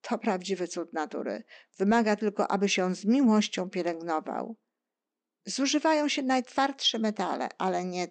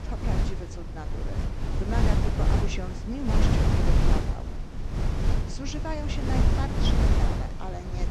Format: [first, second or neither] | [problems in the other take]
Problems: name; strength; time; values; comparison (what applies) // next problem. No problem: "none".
first | wind noise on the microphone; heavy; 3 dB above the speech